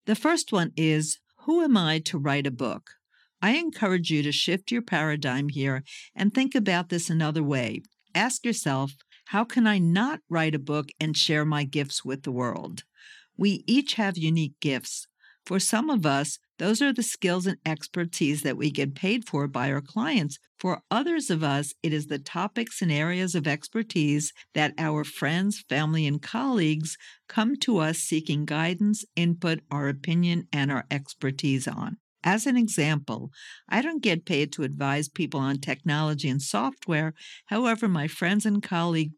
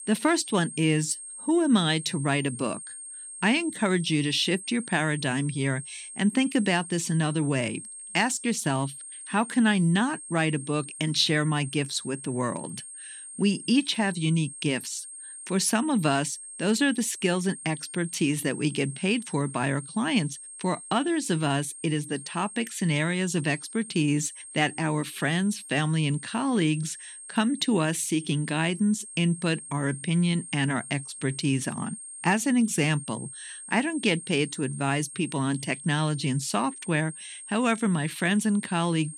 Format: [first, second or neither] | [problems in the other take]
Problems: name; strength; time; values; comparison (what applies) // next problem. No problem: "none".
first | high-pitched whine; noticeable; throughout; 8.5 kHz, 15 dB below the speech